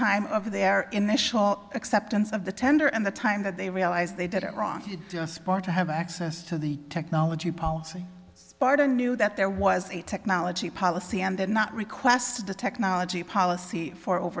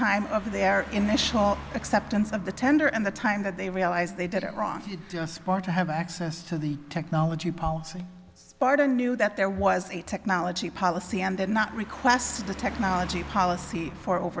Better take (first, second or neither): first